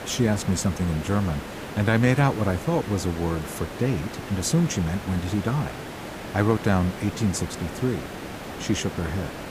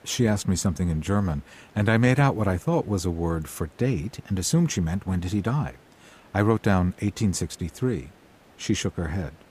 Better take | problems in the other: second | hiss; loud; throughout; 10 dB below the speech; faint in the second

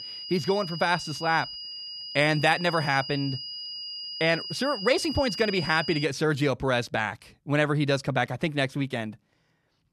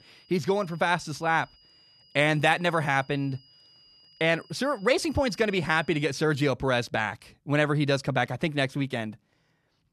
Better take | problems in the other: second | high-pitched whine; loud; until 6 s; 5 kHz, 8 dB below the speech; faint in the second

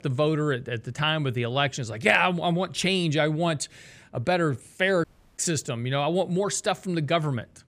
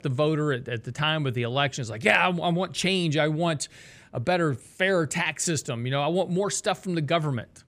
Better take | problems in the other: second | audio cutting out; at 5 s

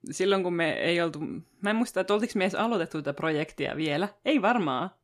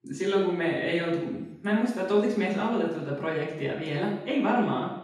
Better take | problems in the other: first | room echo; noticeable; dies away in 0.8 s // off-mic speech; far

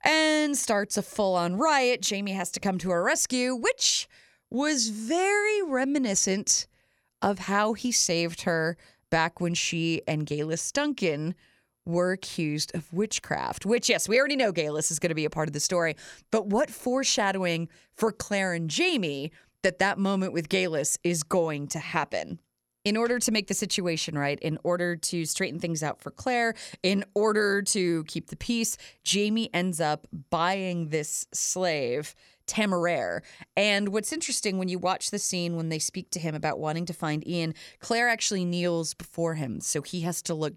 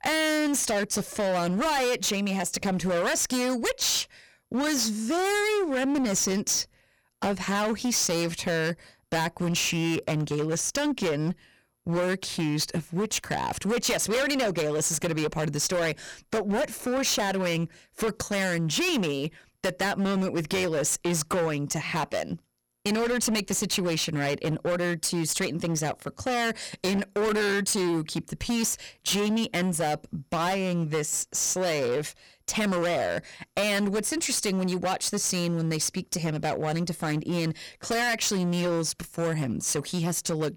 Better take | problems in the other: first | distortion; heavy; 22% of the sound clipped

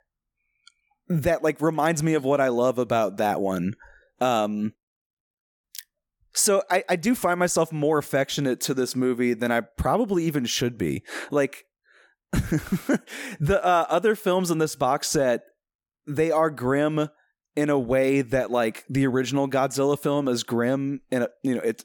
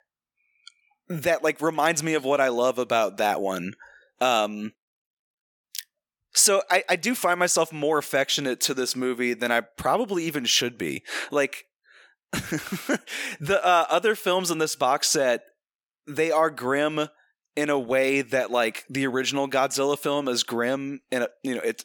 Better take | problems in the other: first | thin; very slightly; fading below 500 Hz

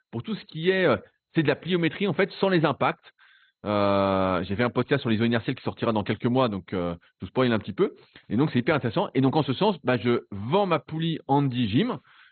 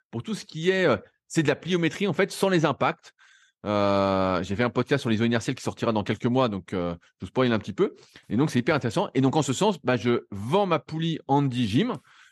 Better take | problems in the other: second | garbled, watery; badly; nothing above 4 kHz

